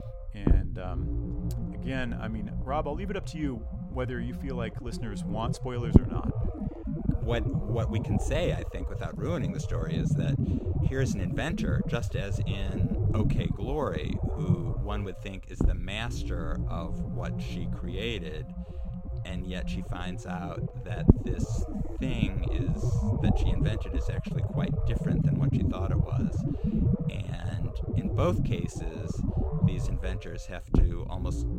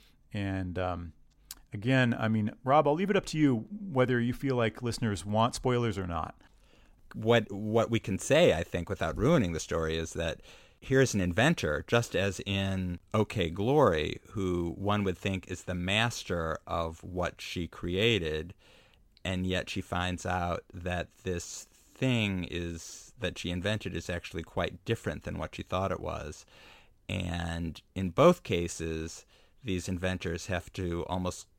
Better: second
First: low rumble; loud; throughout; 2 dB below the speech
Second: none

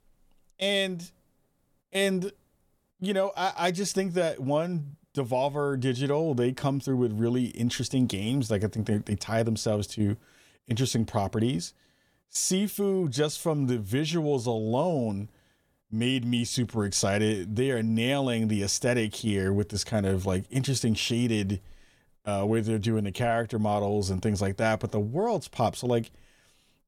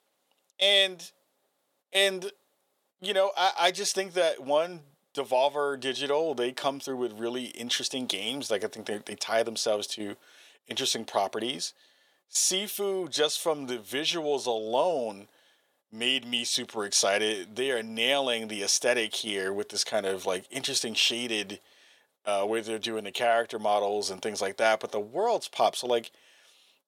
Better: first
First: none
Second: thin; very; fading below 550 Hz

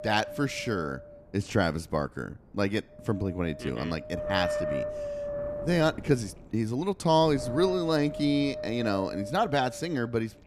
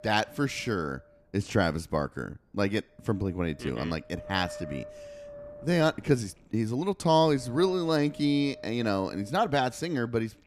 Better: second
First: wind noise on the microphone; heavy; 6 dB below the speech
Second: wind noise on the microphone; occasional gusts; 15 dB below the speech

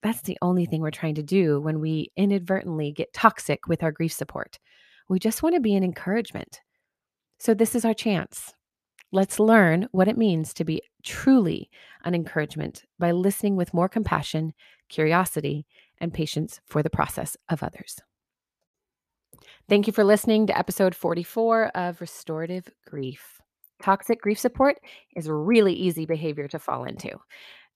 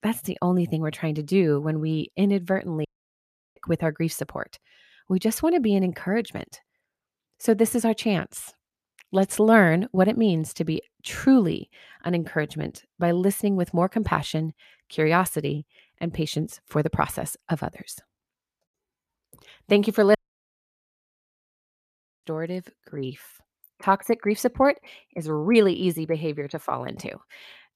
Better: first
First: none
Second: audio cutting out; at 3 s for 0.5 s and at 20 s for 2 s

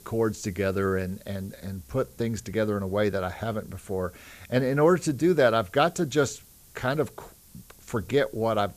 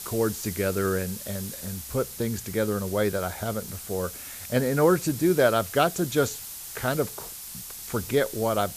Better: first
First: hiss; faint; throughout; 25 dB below the speech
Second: hiss; loud; throughout; 10 dB below the speech

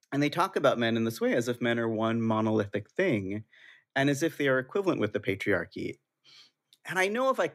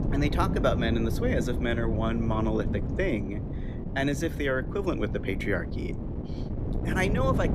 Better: first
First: none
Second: wind noise on the microphone; heavy; 9 dB below the speech

